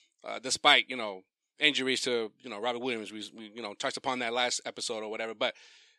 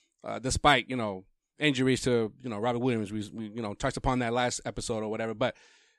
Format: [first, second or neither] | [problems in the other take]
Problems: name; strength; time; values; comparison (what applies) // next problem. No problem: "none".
second | thin; very slightly; fading below 350 Hz